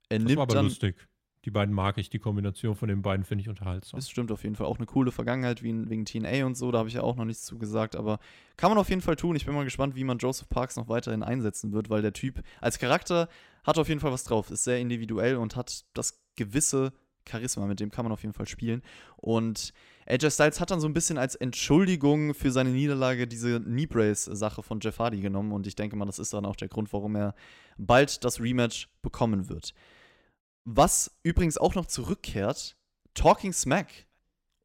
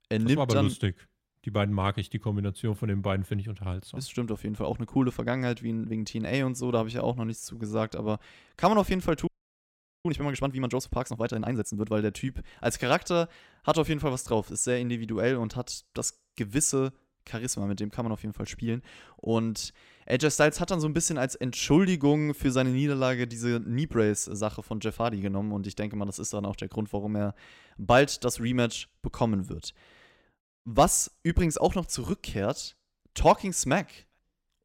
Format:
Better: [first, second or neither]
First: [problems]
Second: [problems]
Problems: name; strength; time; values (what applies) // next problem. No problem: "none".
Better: first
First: none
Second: audio freezing; at 9.5 s for 1 s